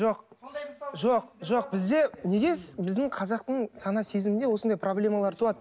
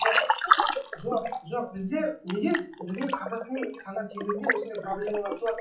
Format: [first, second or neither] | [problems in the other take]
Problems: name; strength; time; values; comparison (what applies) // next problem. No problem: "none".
first | noise reduction (classical method WPE with log-MMSE)